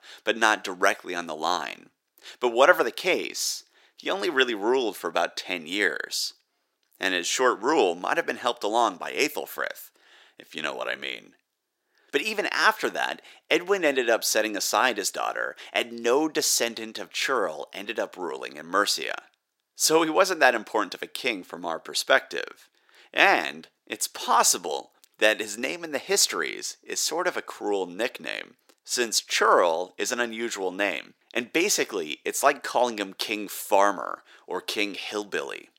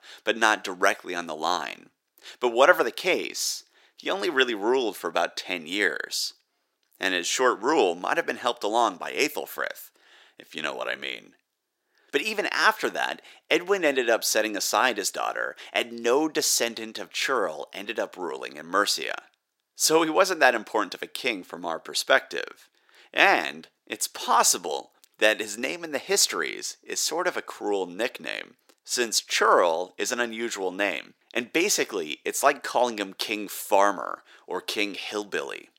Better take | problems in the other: neither | thin; somewhat; fading below 350 Hz; the same in both

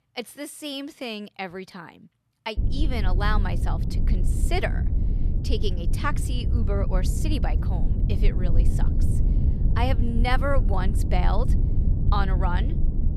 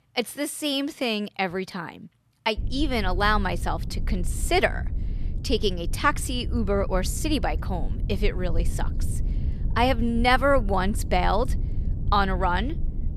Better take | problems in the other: second | low rumble; loud; from 2.5 s on; 9 dB below the speech; faint in the second

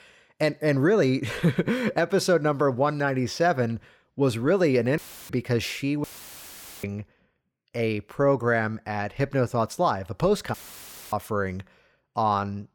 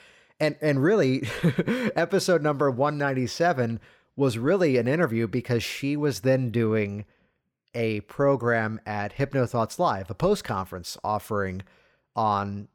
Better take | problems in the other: second | audio cutting out; filled with static; at 5 s, at 6 s for 1 s and at 11 s for 0.5 s

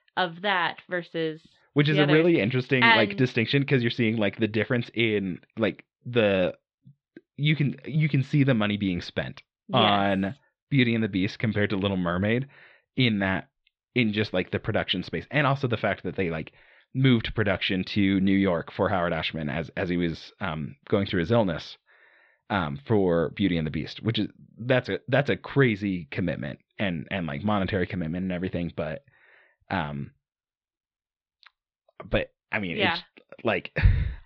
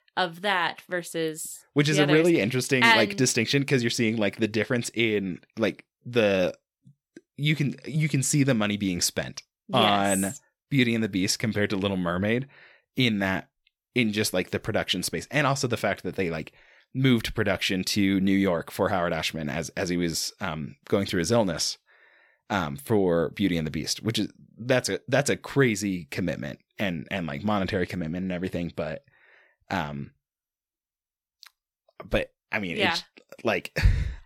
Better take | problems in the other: second | muffled; slightly; fading above 3.5 kHz

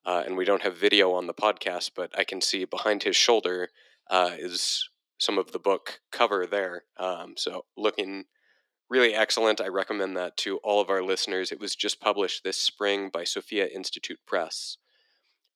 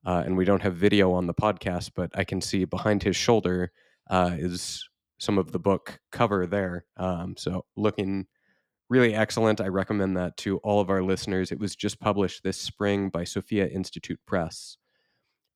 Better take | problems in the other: second | thin; somewhat; fading below 350 Hz

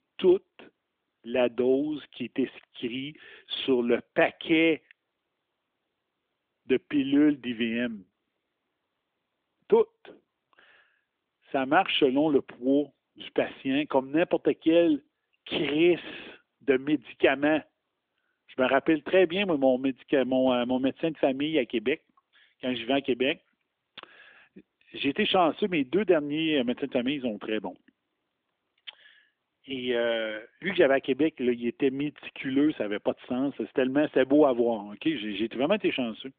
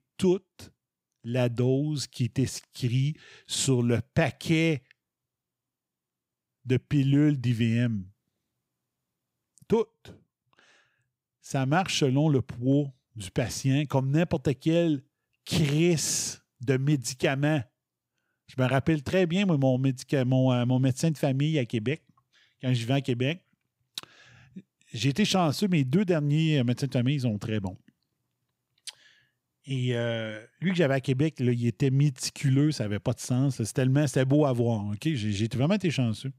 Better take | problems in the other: second | phone-call audio; nothing above 3.5 kHz

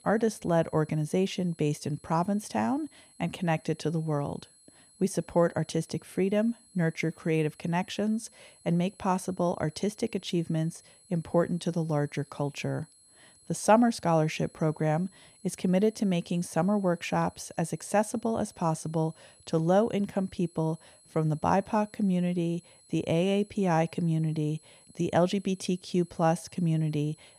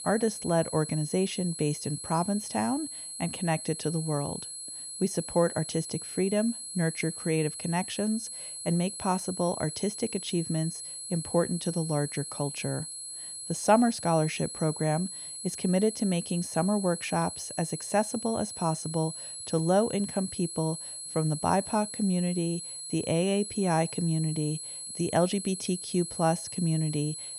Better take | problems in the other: first | high-pitched whine; loud; throughout; 10.5 kHz, 7 dB below the speech; faint in the first

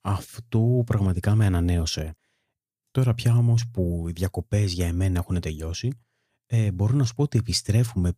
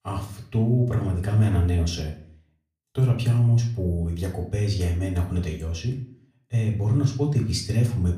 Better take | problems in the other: first | off-mic speech; far // room echo; slight; dies away in 0.4 s

